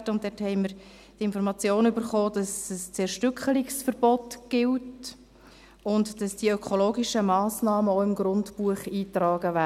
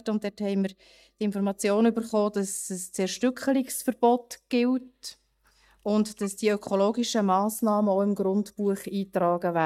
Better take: first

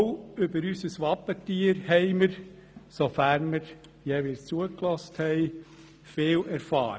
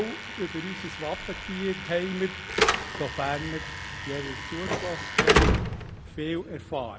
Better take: first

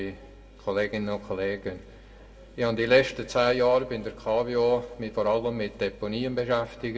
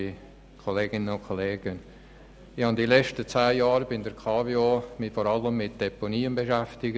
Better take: second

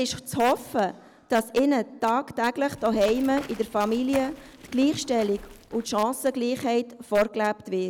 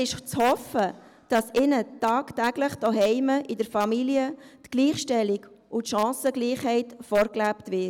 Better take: second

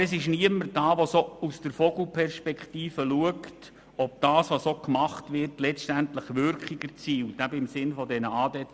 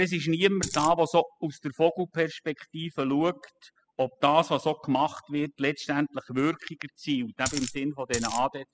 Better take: first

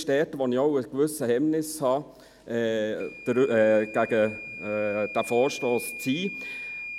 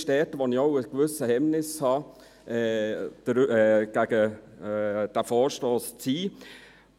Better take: second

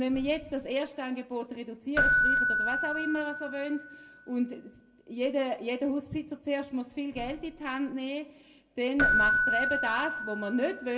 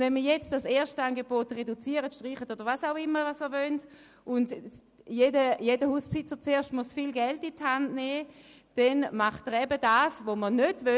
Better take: second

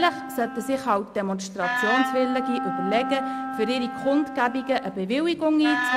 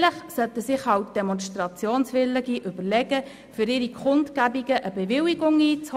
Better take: second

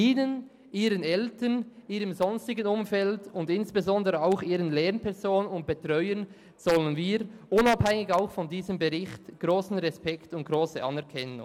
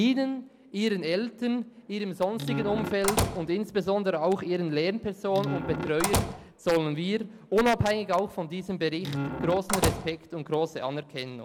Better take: first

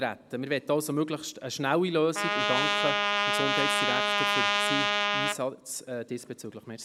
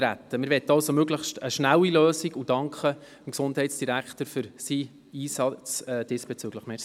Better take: second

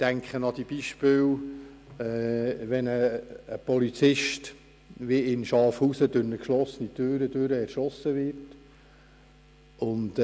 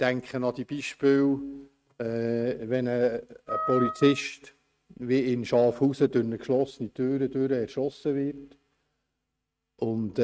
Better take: first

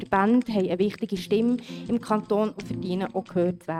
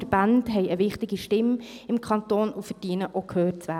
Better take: second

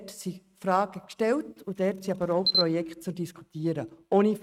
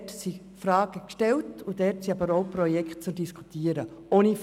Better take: second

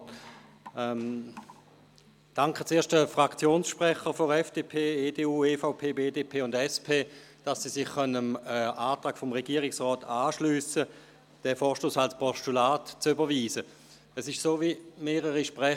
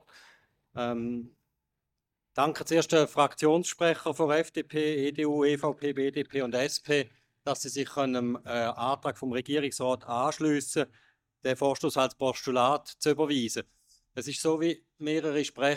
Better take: first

